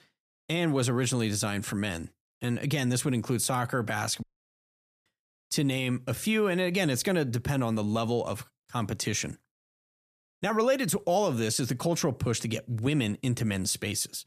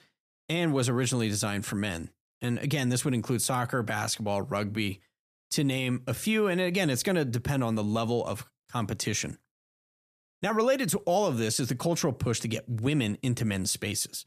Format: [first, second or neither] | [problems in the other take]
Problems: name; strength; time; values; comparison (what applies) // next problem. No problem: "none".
second | audio cutting out; at 4 s for 1 s